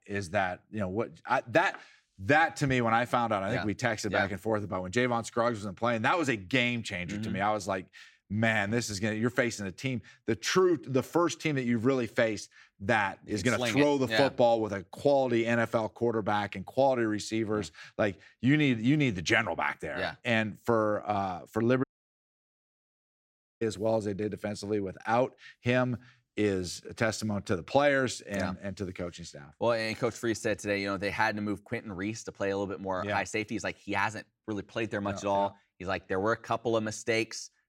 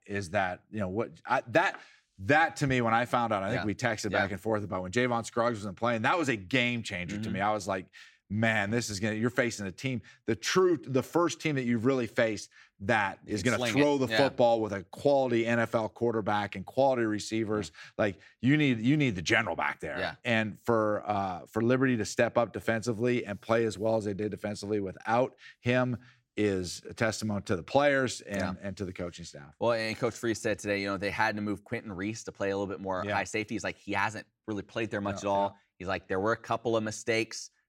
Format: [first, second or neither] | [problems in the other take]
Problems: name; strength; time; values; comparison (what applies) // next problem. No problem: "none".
second | audio cutting out; at 22 s for 2 s